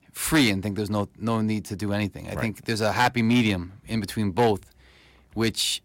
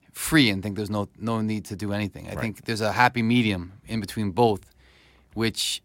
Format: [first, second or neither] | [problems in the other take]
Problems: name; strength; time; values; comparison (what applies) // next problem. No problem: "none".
second | distortion; slight; 3% of the sound clipped